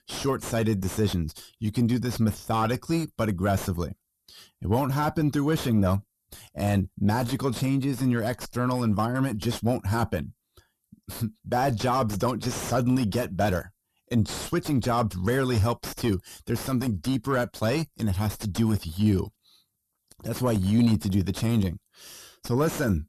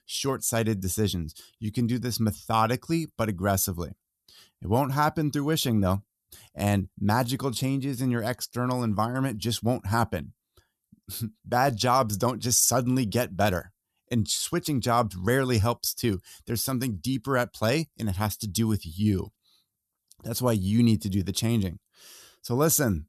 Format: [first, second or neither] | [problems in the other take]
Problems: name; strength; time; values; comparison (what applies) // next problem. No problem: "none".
second | distortion; heavy; 7 dB below the speech